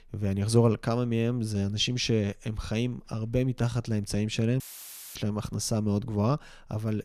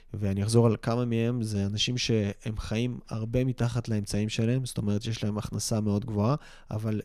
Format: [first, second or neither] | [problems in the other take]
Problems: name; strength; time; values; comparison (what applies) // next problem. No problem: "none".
second | audio cutting out; filled with static; at 4.5 s for 0.5 s